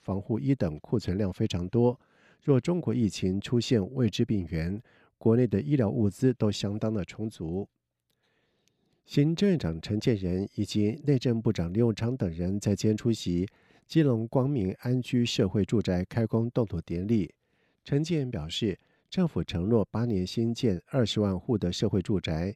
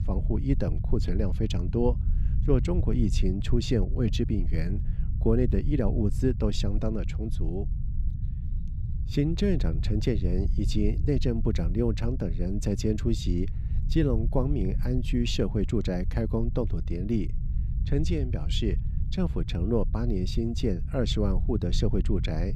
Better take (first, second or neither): first